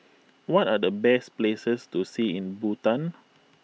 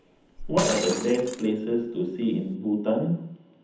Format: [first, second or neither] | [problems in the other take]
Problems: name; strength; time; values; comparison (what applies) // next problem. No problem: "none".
first | background sound (Shatter); 11 dB below the speech // room echo; dies away in 0.8 s